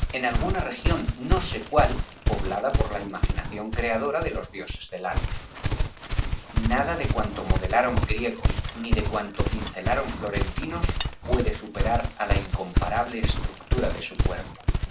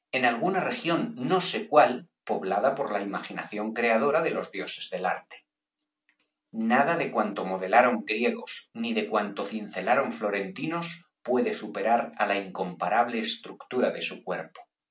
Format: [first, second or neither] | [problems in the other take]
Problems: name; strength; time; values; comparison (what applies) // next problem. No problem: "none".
second | background sound (Livestock, farm animals, working animals); 3 dB above the speech